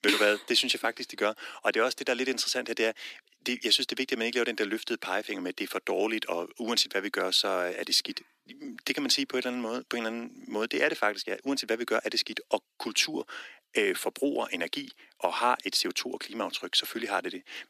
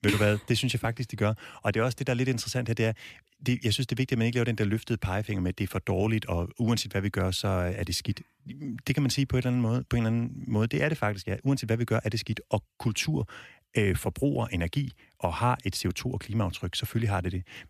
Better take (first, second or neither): second